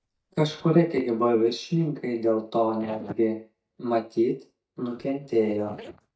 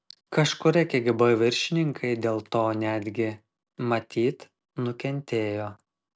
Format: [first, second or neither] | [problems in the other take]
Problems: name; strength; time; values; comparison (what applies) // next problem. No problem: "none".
second | noise reduction (neural mask model DeepFilterNet 3)